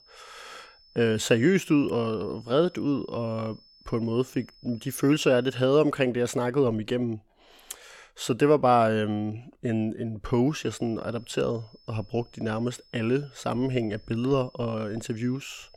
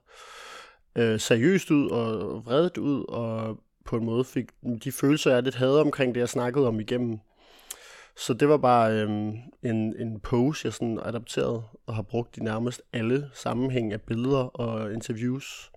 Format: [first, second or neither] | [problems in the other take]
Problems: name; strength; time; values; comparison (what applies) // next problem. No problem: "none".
second | high-pitched whine; faint; until 5.5 s and from 10 s on; 5 kHz, 30 dB below the speech